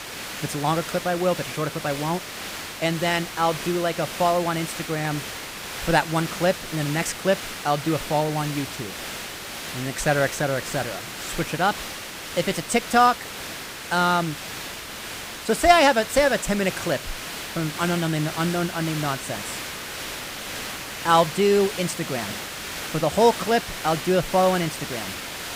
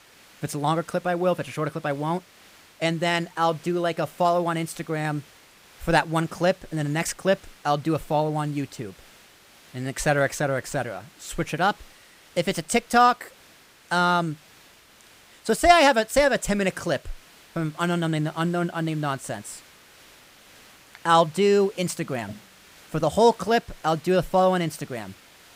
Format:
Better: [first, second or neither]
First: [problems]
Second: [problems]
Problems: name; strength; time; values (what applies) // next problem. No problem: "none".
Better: second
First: hiss; loud; throughout; 8 dB below the speech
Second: hiss; faint; throughout; 25 dB below the speech